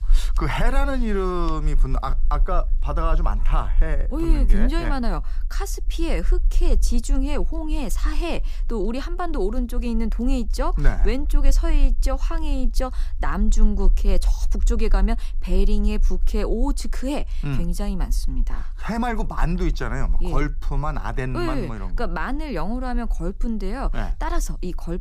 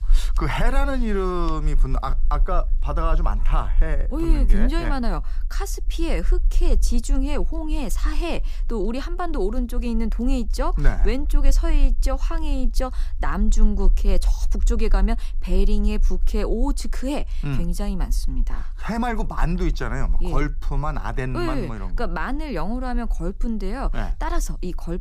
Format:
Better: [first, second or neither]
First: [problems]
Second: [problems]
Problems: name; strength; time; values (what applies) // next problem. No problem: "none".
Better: neither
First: low rumble; faint; throughout; 25 dB below the speech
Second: low rumble; faint; throughout; 25 dB below the speech